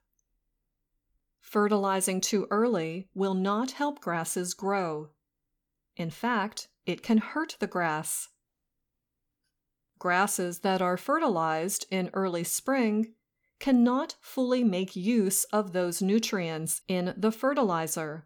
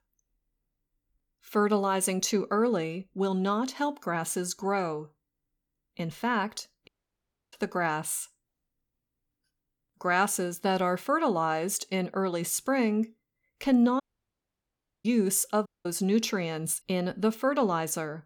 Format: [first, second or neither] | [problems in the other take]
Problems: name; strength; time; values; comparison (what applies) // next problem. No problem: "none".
first | audio cutting out; at 7 s for 0.5 s, at 14 s for 1 s and at 16 s